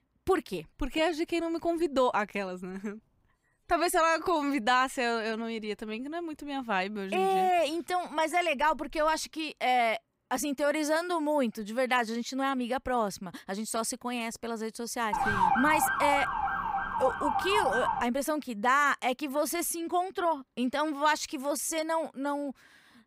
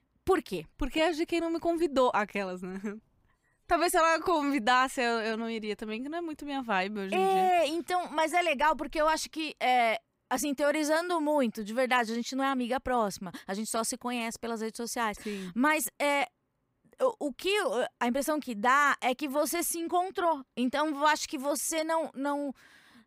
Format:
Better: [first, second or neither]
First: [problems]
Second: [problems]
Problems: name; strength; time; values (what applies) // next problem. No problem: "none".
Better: second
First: siren; loud; from 15 to 18 s; peak 4 dB above the speech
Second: none